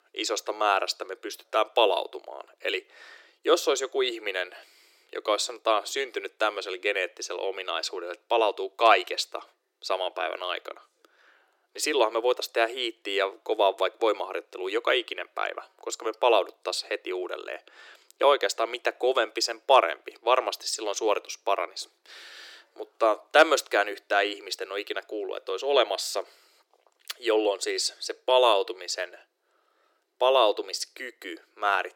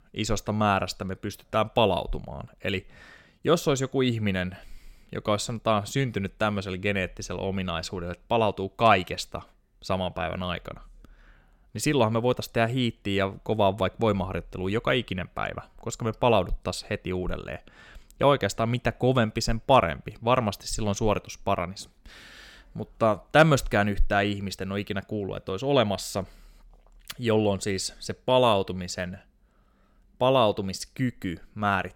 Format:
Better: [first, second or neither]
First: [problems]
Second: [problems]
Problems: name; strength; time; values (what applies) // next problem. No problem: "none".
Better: second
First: thin; very; fading below 350 Hz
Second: none